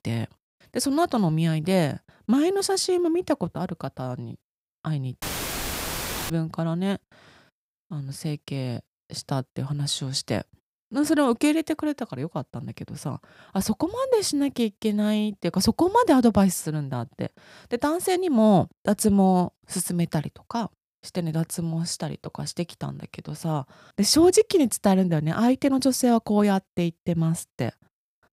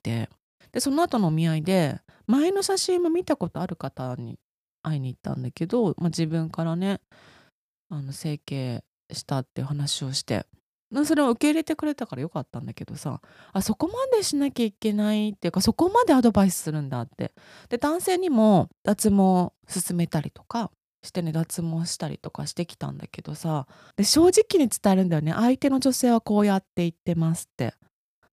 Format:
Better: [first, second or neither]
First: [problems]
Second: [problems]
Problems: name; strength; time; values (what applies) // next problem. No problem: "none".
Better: second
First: audio cutting out; filled with static; at 5 s for 1 s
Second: none